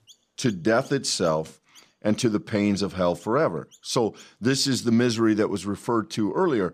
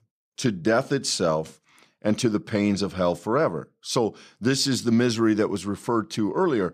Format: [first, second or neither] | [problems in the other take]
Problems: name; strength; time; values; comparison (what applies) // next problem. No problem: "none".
second | animal sounds; faint; throughout; 30 dB below the speech